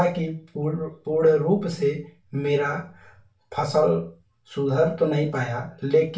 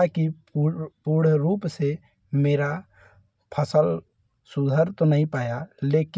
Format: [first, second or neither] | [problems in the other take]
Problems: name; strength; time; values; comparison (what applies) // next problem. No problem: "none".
second | room echo; dies away in 0.3 s